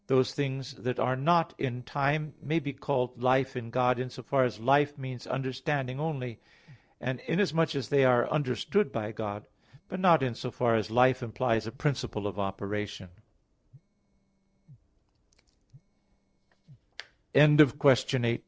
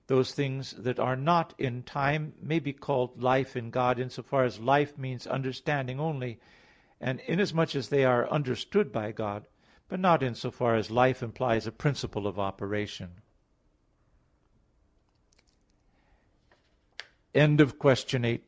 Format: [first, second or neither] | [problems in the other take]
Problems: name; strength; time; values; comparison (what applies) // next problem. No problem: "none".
second | noise reduction (neural separator model SepFormer DNS4)